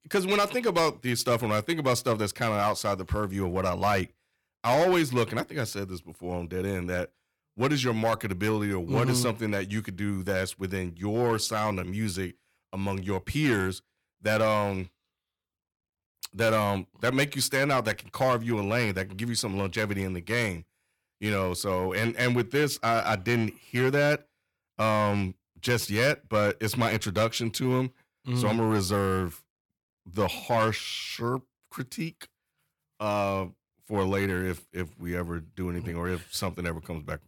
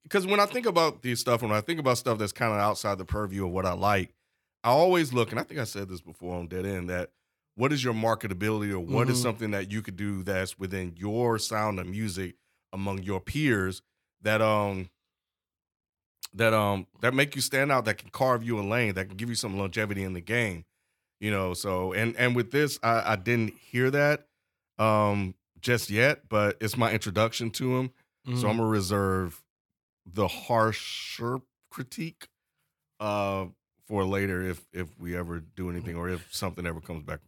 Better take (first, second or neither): second